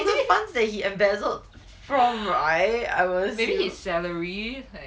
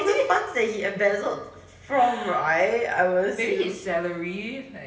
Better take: first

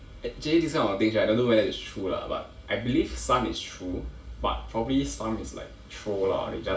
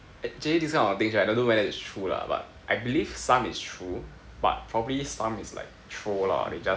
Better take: second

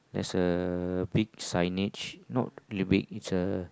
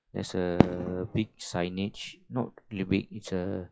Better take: first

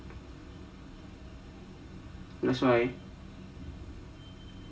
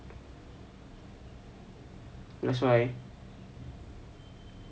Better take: second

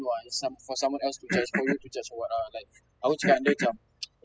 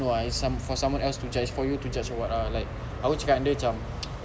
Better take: second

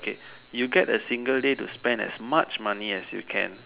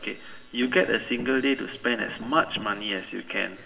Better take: first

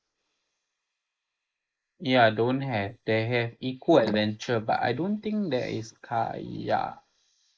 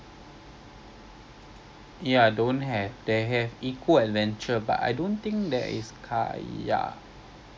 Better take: second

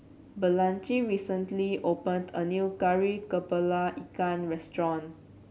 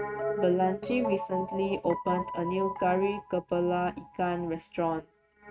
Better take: first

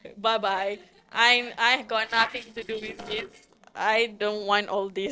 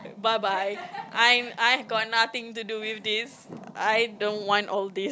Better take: second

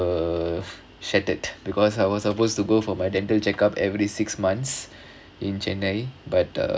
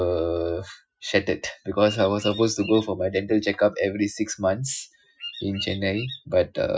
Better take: first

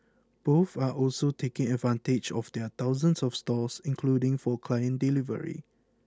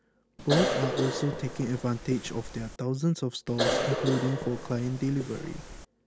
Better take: first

